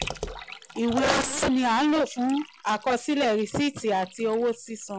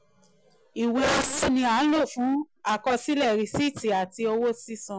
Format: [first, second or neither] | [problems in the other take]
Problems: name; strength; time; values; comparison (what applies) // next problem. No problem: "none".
second | background sound (Liquid); 15 dB below the speech